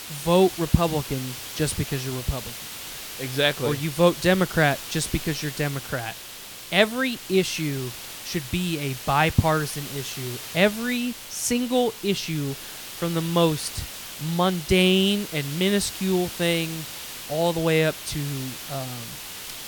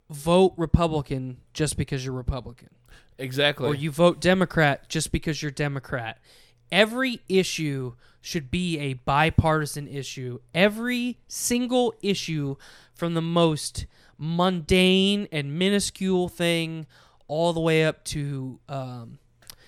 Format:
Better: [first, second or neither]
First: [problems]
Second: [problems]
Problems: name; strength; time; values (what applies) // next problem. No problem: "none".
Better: second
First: hiss; noticeable; throughout; 10 dB below the speech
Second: none